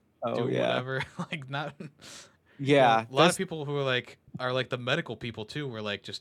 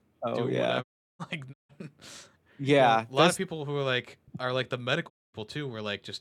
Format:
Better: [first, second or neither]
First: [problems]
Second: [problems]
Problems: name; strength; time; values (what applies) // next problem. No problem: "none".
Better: first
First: none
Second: audio cutting out; at 1 s, at 1.5 s and at 5 s